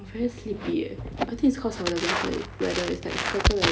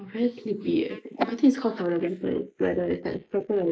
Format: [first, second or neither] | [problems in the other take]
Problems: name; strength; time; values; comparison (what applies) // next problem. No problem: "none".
first | noise reduction (neural mask model Resemble Enhance denoiser)